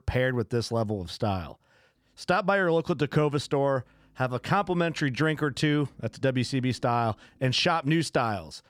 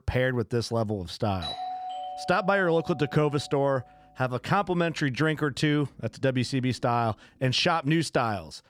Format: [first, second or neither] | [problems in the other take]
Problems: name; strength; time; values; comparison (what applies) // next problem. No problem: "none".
first | doorbell; noticeable; from 1.5 to 3.5 s; peak 7 dB below the speech